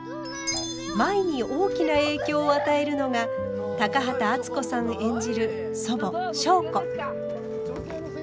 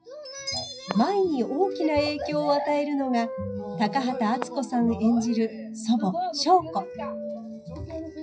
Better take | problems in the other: first | noise reduction (classical method WPE with log-MMSE)

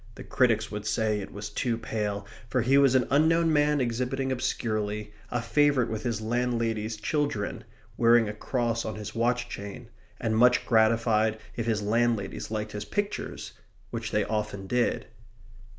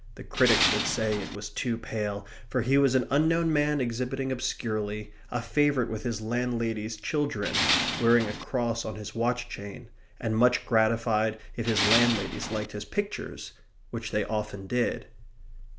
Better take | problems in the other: first | background sound (Tools); as loud as the speech

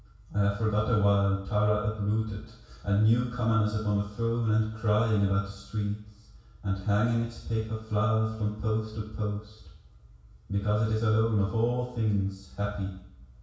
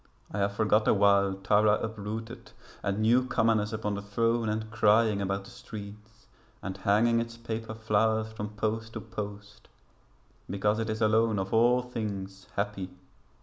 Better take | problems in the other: second | room echo; dies away in 0.6 s

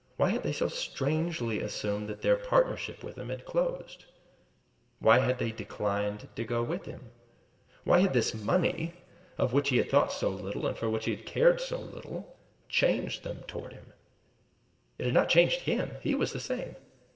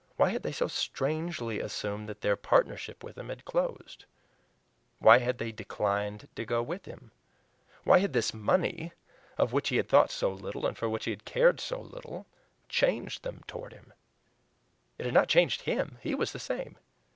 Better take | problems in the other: second | room echo; dies away in 1.9 s

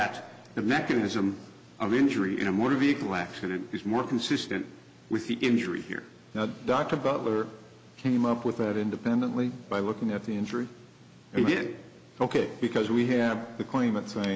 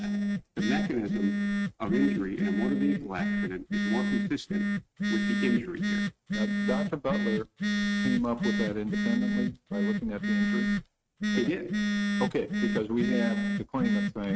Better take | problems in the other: first | noise reduction (neural mask model RNNoise)

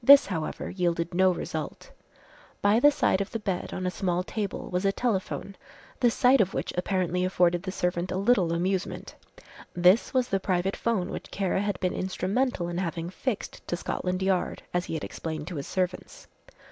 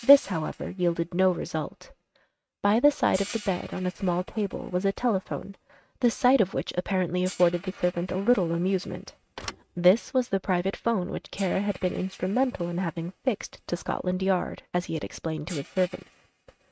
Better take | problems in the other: first | noise reduction (neural mask model RNNoise)

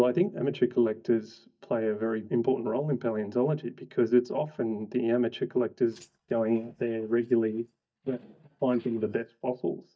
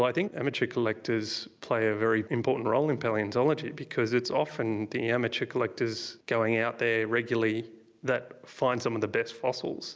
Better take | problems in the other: second | noise reduction (neural mask model DeepFilterNet 3)

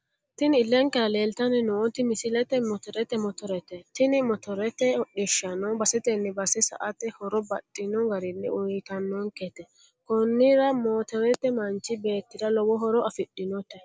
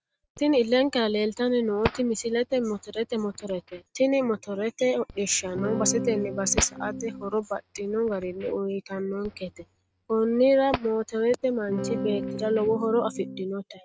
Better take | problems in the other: first | noise reduction (neural mask model RNNoise)

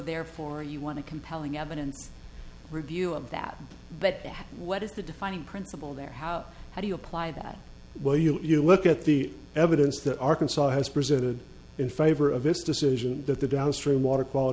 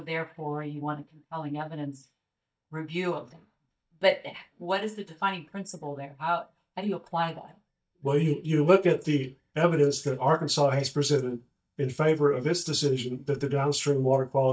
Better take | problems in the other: first | noise reduction (neural mask model DeepFilterNet 3)

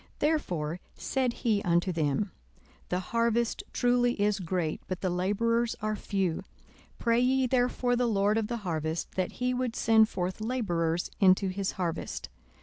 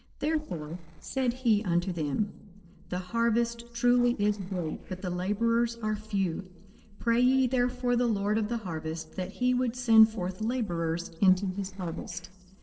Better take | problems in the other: first | noise reduction (neural separator model SepFormer DNS4)

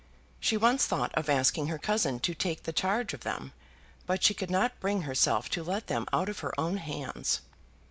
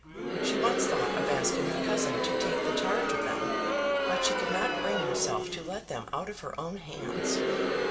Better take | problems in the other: first | background sound (Crowd); 5 dB above the speech // room echo; dies away in 1.8 s

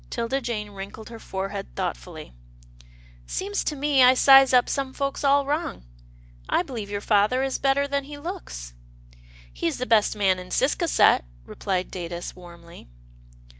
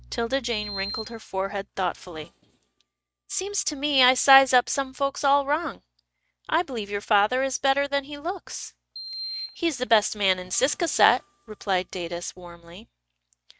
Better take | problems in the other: first | noise reduction (neural mask model RNNoise)

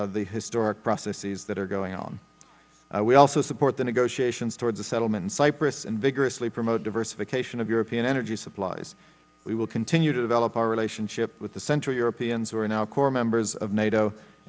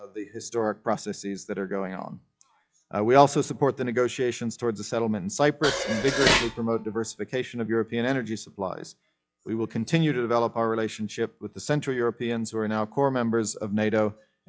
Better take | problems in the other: first | noise reduction (classical method log-MMSE)

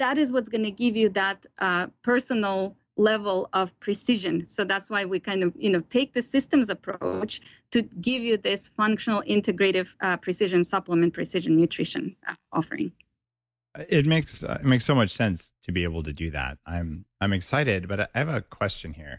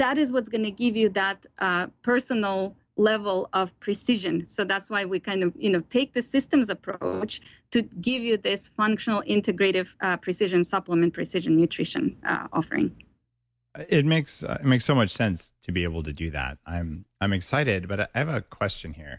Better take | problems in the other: second | noise reduction (neural mask model DeepFilterNet 3)

